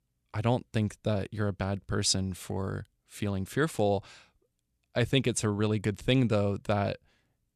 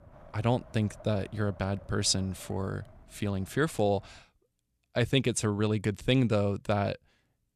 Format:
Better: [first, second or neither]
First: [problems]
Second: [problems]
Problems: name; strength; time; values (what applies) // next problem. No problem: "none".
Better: first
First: none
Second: wind noise on the microphone; occasional gusts; until 4 s; 20 dB below the speech